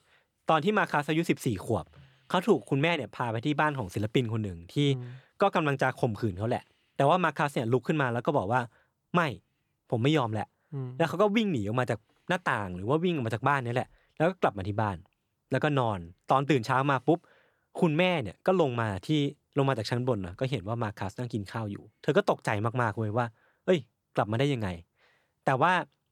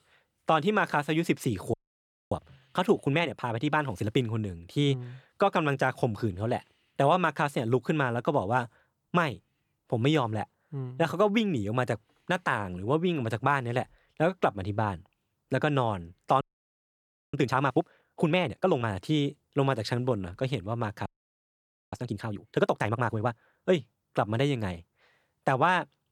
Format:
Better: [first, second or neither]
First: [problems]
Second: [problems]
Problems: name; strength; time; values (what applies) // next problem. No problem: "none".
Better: first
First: none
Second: audio freezing; at 1.5 s for 0.5 s, at 16 s for 1 s and at 21 s for 1 s